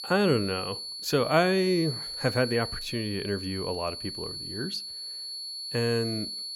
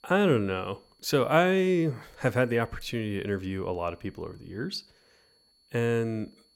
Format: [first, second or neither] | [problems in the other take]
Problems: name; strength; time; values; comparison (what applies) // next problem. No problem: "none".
second | high-pitched whine; loud; throughout; 4.5 kHz, 6 dB below the speech; faint in the second